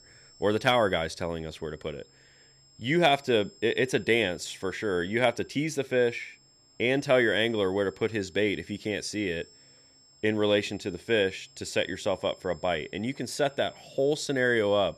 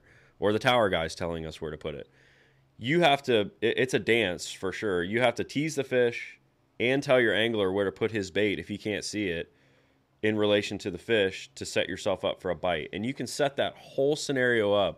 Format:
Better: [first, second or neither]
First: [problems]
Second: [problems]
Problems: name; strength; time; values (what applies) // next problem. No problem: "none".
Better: second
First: high-pitched whine; faint; throughout; 5 kHz, 25 dB below the speech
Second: none